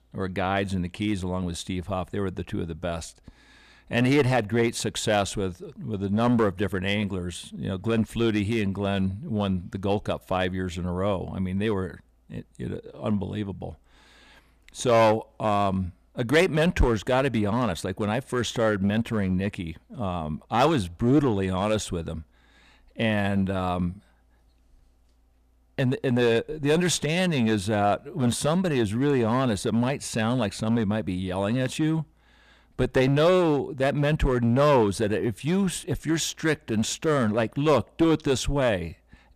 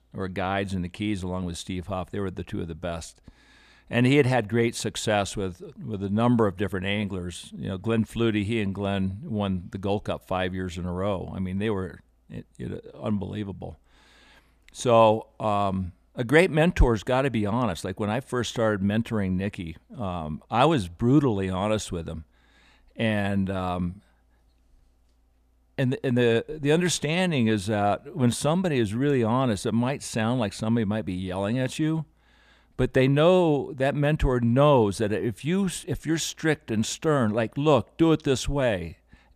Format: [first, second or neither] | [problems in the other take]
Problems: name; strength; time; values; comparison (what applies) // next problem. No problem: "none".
second | distortion; slight; 5% of the sound clipped